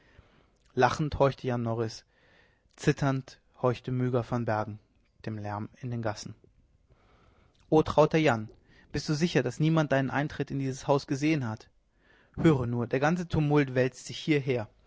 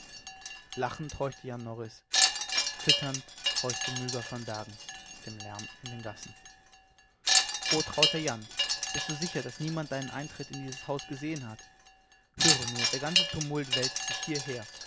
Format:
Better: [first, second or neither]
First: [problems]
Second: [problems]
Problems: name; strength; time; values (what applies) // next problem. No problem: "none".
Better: first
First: none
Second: background sound (Wind chime); 5 dB above the speech